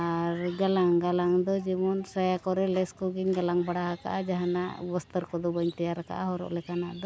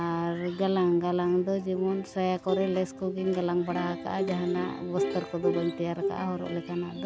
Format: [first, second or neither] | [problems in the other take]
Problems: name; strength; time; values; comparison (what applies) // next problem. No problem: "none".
first | background sound (Plucked string instrument); 7 dB below the speech